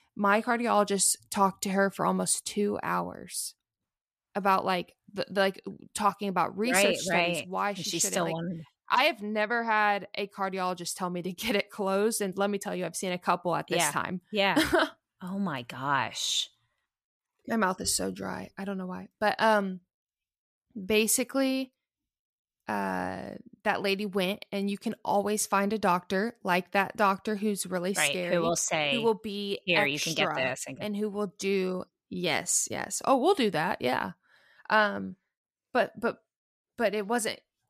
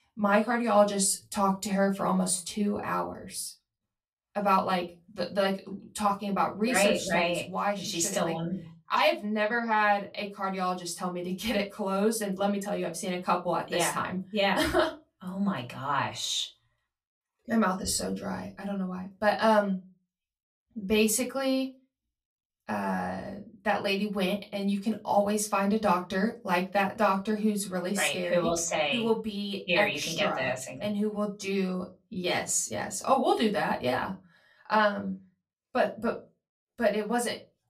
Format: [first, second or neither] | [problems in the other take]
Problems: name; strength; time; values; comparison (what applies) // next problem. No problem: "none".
first | off-mic speech; far // room echo; very slight; dies away in 0.2 s